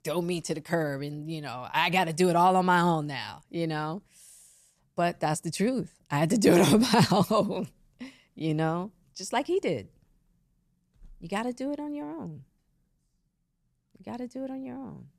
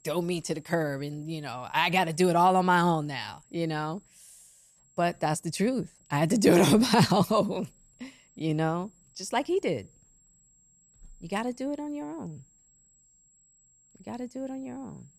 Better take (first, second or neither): first